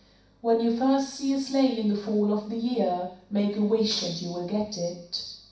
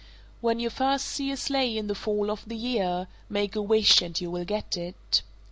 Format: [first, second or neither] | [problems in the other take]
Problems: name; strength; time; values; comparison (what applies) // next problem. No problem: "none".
second | room echo; dies away in 0.6 s